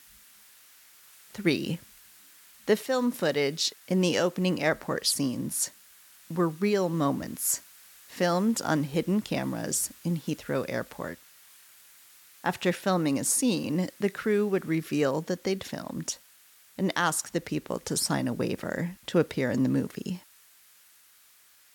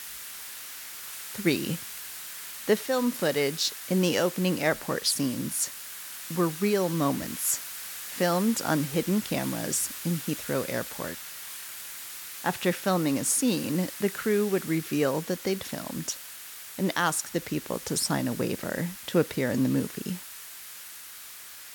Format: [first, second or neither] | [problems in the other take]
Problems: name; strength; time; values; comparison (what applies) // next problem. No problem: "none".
first | hiss; loud; throughout; 10 dB below the speech; faint in the first